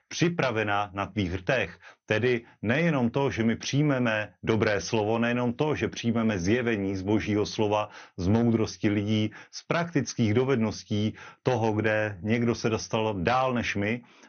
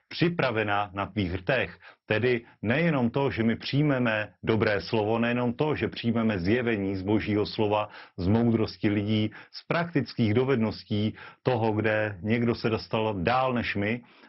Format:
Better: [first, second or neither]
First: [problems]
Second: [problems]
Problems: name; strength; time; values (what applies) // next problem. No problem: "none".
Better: first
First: garbled, watery; slightly; nothing above 6.5 kHz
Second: garbled, watery; badly; nothing above 5.5 kHz